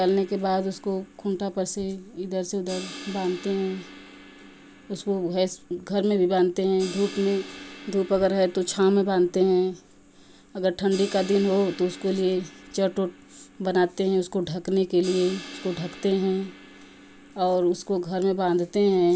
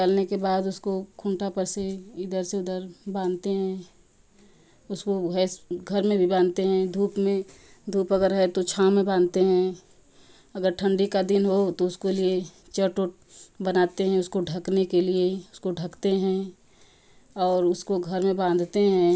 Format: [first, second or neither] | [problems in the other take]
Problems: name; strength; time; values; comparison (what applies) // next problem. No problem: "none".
second | background sound (Crash cymbal); 19 dB below the speech